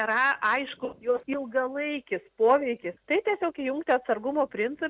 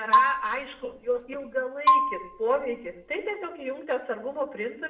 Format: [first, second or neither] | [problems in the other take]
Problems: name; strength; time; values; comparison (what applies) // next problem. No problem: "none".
first | background sound (Marimba, xylophone); 4 dB above the speech // room echo; dies away in 0.5 s